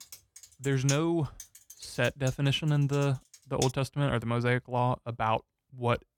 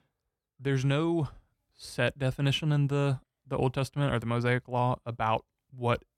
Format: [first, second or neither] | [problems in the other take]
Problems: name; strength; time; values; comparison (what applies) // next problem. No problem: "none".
second | keyboard typing; noticeable; until 3.5 s; peak 7 dB below the speech